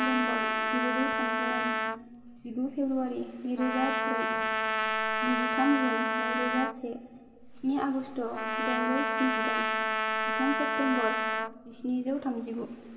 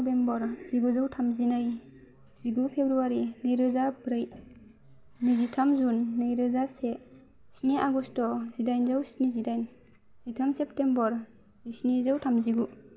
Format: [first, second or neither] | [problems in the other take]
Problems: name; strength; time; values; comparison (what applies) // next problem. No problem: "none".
second | background sound (Trumpet); 1 dB above the speech // room echo; dies away in 2 s